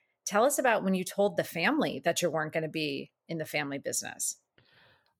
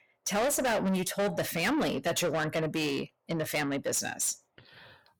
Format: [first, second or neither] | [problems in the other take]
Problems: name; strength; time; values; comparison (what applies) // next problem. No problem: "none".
first | distortion; heavy; 6 dB below the speech